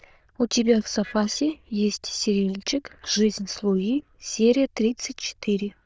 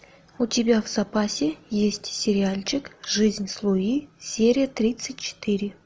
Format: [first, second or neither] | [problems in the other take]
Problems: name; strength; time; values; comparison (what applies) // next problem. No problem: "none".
second | noise reduction (neural diffusion model UNIVERSE++)